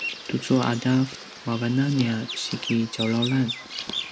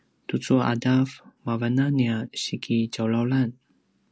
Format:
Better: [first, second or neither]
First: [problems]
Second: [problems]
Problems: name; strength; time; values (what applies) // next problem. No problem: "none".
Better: second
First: background sound (Bird vocalization, bird call, bird song); 10 dB below the speech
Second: none